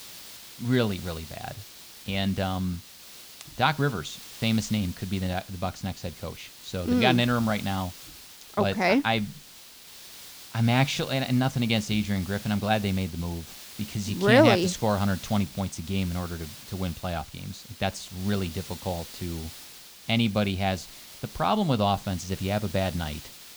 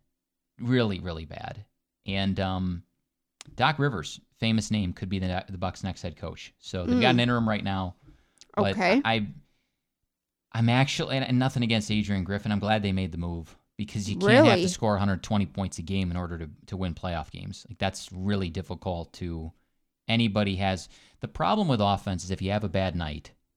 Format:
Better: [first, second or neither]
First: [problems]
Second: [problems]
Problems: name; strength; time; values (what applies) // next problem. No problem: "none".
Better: second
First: hiss; noticeable; throughout; 15 dB below the speech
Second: none